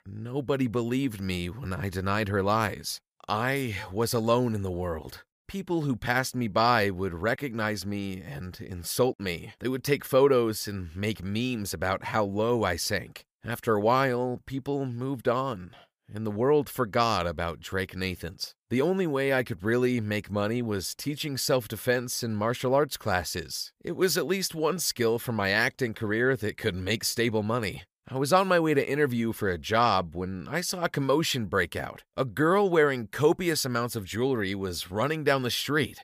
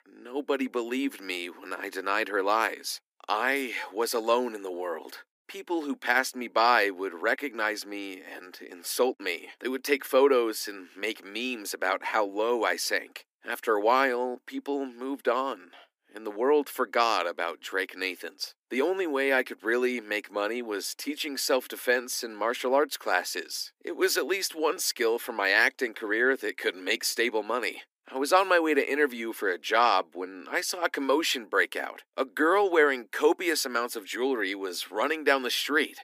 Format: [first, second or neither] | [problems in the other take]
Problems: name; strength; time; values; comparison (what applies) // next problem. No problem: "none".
first | thin; somewhat; fading below 250 Hz